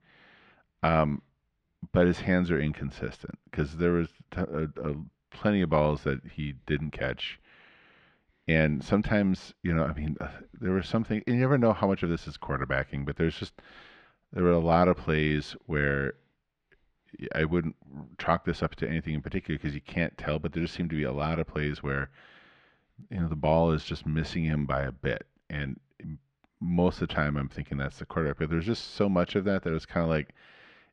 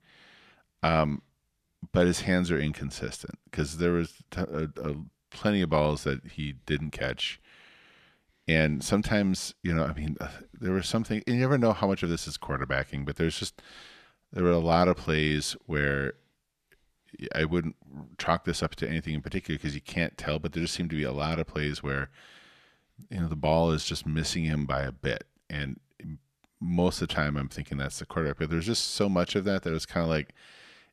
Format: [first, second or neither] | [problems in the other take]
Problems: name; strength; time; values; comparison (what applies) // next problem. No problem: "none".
second | muffled; slightly; fading above 2.5 kHz